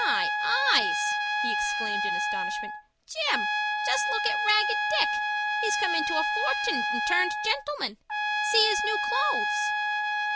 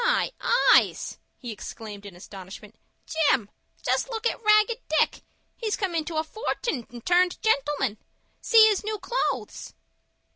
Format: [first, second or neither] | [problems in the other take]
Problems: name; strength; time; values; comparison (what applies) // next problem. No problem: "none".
second | background sound (Trumpet); 3 dB above the speech